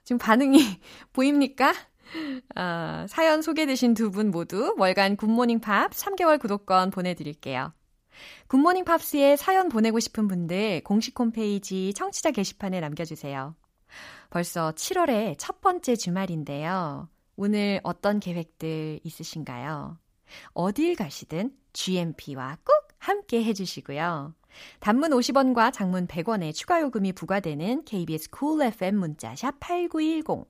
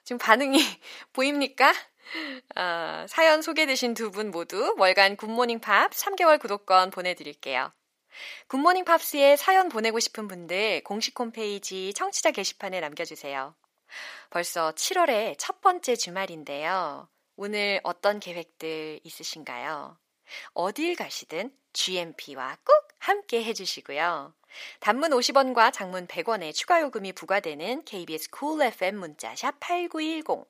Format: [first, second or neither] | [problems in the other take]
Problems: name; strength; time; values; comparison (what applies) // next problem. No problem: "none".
first | thin; somewhat; fading below 500 Hz